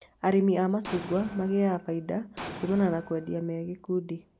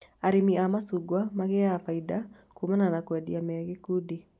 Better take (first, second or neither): second